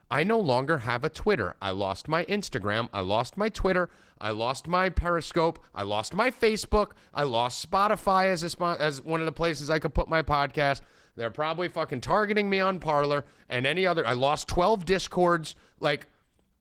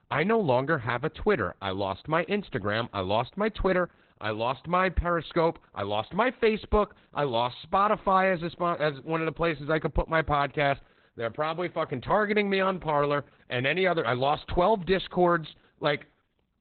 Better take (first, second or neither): first